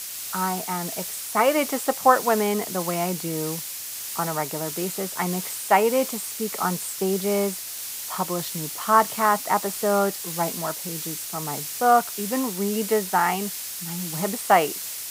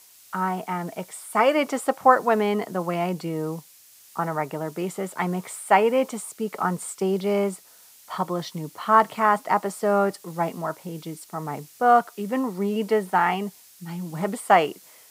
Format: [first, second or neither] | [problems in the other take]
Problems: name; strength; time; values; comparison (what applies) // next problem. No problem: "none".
second | hiss; loud; throughout; 6 dB below the speech; faint in the second